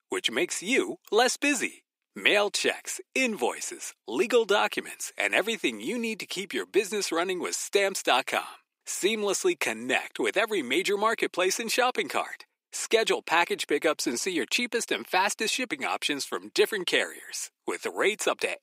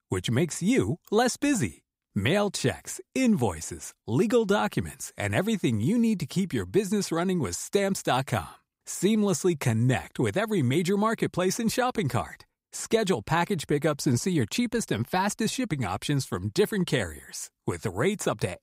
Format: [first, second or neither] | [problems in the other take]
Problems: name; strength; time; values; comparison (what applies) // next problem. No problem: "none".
second | thin; somewhat; fading below 300 Hz